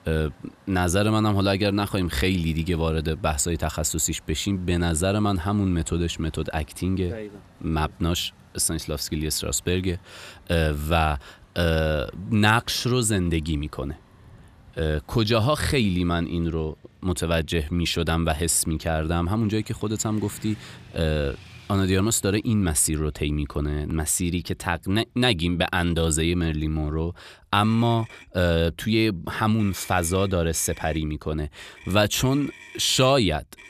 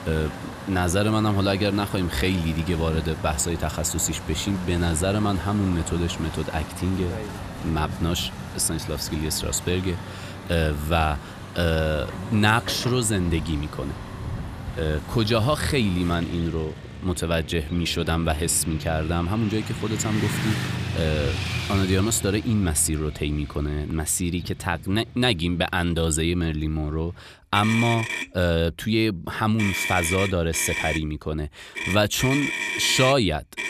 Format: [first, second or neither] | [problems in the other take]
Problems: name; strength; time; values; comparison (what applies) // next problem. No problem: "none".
first | traffic noise; loud; throughout; 8 dB below the speech; faint in the first